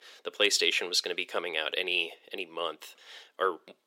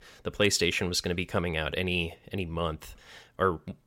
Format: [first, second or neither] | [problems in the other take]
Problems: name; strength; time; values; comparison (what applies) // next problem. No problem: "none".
second | thin; very; fading below 350 Hz